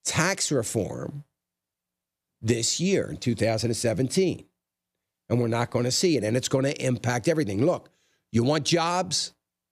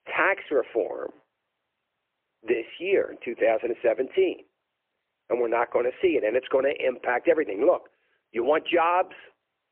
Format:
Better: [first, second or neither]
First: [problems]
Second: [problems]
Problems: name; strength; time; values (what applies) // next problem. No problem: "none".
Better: first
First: none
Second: phone-call audio; poor line; nothing above 3 kHz